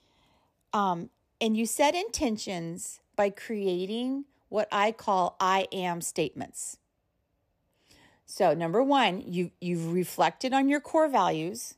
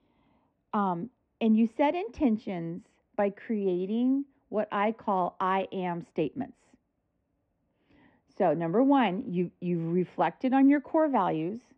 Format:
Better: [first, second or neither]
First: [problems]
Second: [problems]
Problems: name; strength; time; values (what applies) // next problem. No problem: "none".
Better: first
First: none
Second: muffled; very; fading above 2.5 kHz